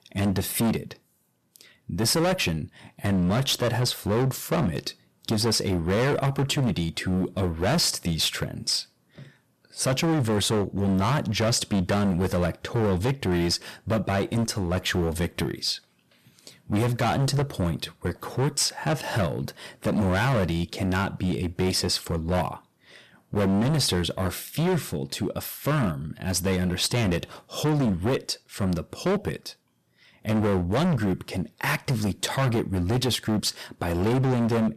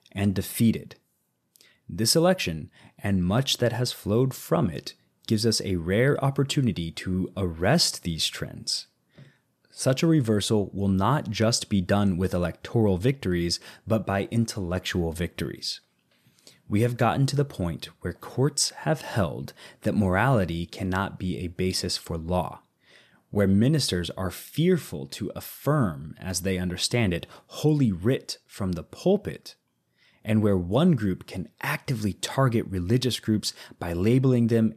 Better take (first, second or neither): second